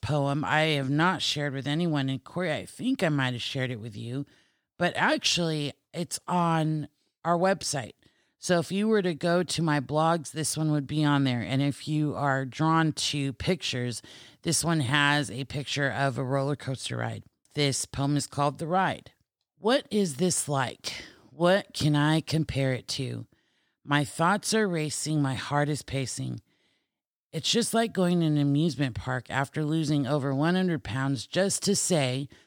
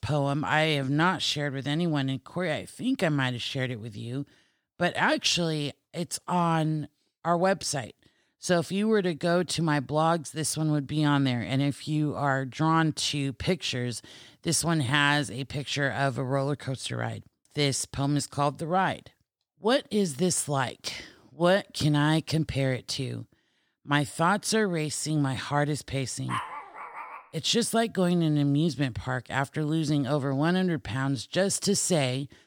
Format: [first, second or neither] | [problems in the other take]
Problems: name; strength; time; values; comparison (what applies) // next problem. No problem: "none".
first | dog barking; noticeable; at 26 s; peak 7 dB below the speech